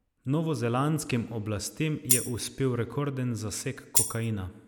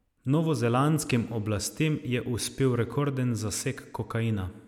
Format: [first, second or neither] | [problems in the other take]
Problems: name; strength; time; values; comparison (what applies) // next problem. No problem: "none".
second | background sound (Tambourine); 2 dB above the speech